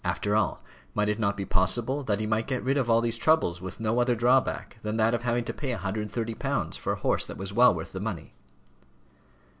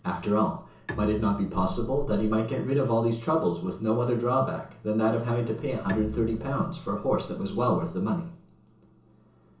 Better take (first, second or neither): first